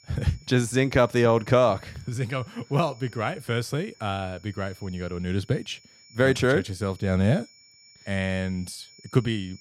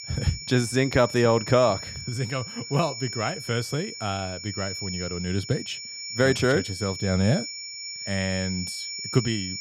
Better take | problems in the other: first | high-pitched whine; loud; throughout; 5.5 kHz, 7 dB below the speech; faint in the first

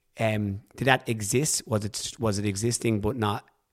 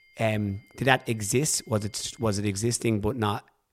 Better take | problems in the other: first | high-pitched whine; faint; until 2.5 s; 2 kHz, 30 dB below the speech

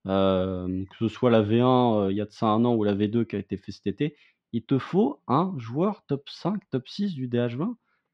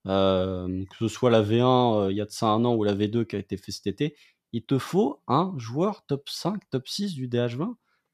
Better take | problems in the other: second | muffled; slightly; fading above 2.5 kHz

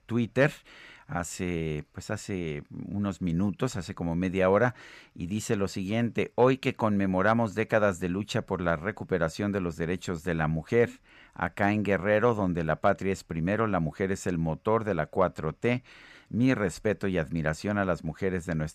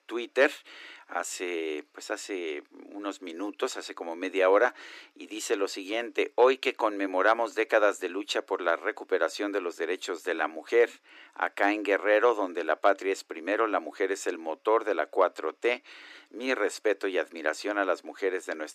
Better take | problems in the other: first | thin; very; fading below 300 Hz

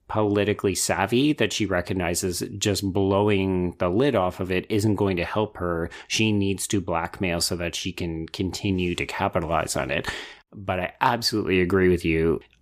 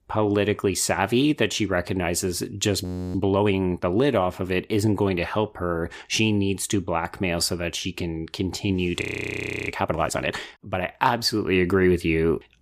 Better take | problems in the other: first | audio freezing; at 3 s and at 9 s for 0.5 s

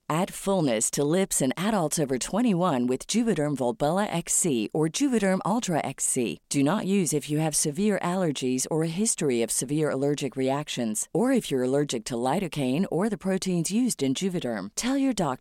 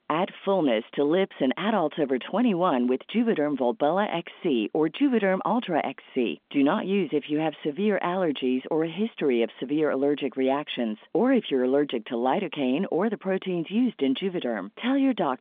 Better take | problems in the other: first | phone-call audio; nothing above 3.5 kHz

